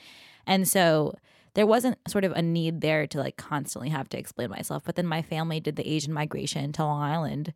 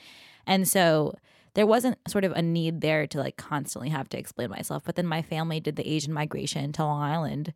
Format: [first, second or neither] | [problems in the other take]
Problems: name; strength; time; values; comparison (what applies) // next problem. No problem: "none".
neither | none